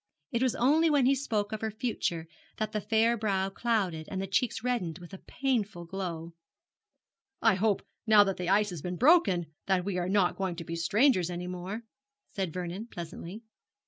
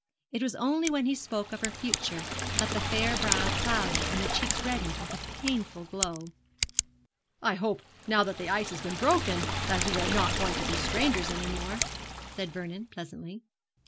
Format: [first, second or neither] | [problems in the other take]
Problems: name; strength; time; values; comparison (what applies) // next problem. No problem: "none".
first | background sound (Liquid + Scissors); 1 dB below the speech